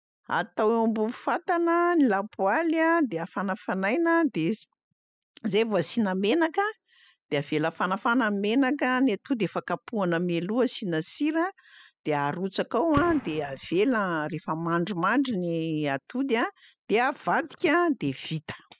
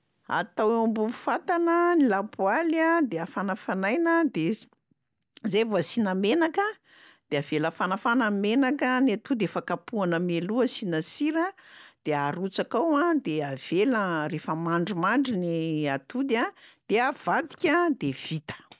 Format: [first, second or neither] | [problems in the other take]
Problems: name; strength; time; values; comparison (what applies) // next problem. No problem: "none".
second | noise reduction (classical method spectral subtraction)